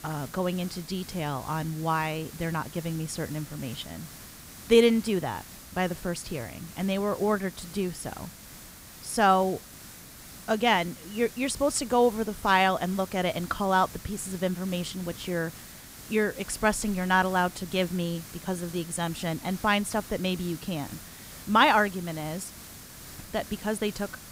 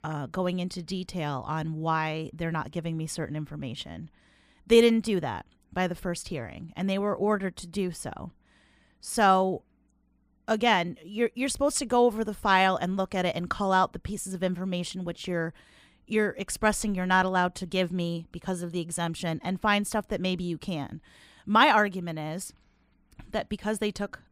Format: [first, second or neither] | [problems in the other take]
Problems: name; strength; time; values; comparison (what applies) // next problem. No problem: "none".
second | hiss; noticeable; throughout; 15 dB below the speech